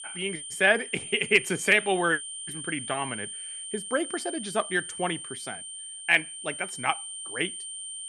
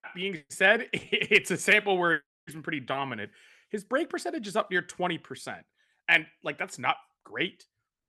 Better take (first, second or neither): second